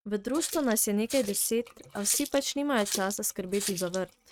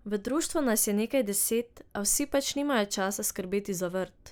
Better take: second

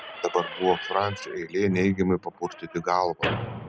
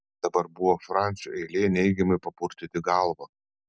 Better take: second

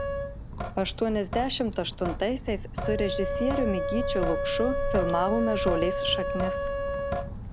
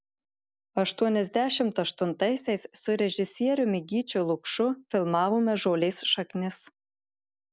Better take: second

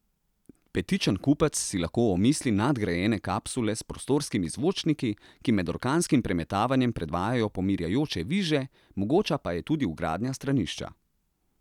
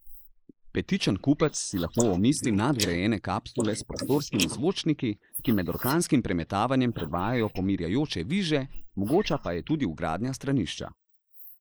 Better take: first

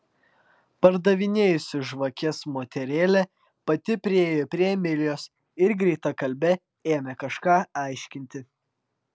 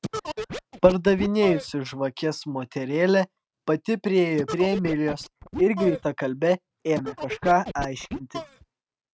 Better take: first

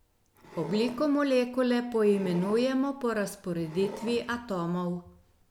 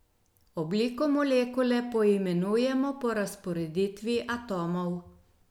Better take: second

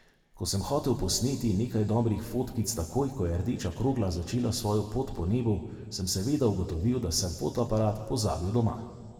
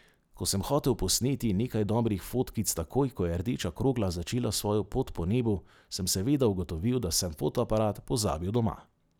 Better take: second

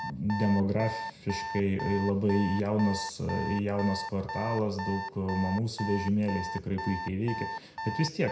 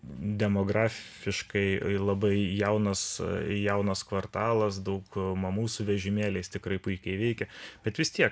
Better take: second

